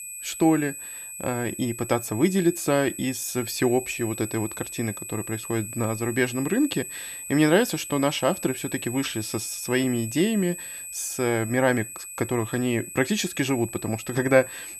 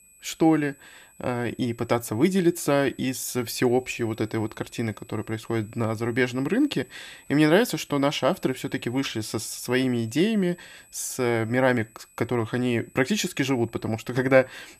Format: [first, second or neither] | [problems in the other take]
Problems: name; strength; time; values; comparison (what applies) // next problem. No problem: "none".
second | high-pitched whine; loud; throughout; 8 kHz, 9 dB below the speech; faint in the second